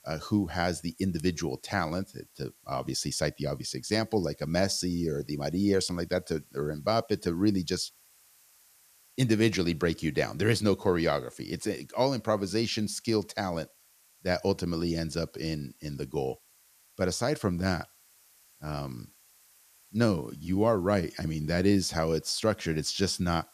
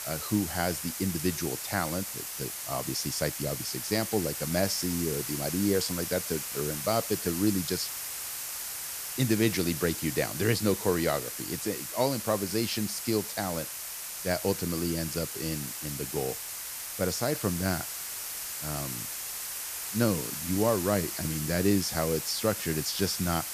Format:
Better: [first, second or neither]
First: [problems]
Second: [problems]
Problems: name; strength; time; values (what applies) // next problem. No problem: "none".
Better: first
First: hiss; faint; throughout; 30 dB below the speech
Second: hiss; loud; throughout; 4 dB below the speech